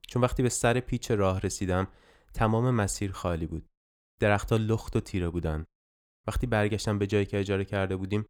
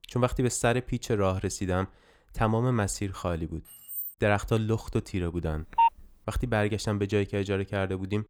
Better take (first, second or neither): first